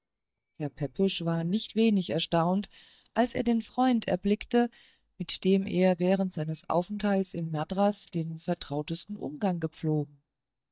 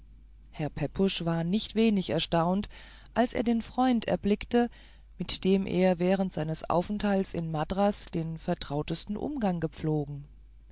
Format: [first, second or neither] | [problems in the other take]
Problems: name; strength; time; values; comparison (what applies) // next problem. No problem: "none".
second | noise reduction (neural mask model DeepFilterNet 3)